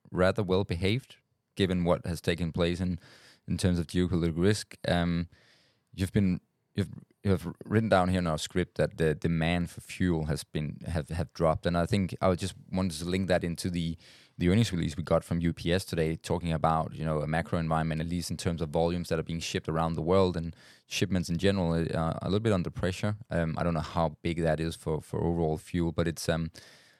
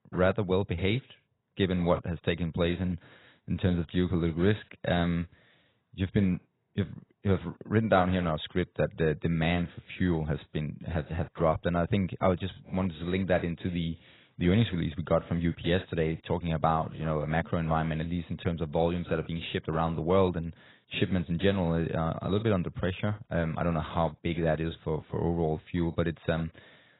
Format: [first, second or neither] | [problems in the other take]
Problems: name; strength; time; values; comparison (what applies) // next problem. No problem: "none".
first | garbled, watery; badly; nothing above 4 kHz